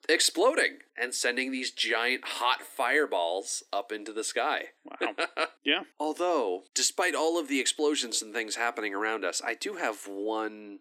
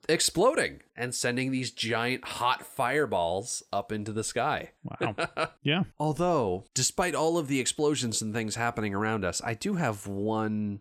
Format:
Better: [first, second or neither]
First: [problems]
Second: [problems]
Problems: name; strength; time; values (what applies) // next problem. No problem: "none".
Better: second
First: thin; somewhat; fading below 250 Hz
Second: none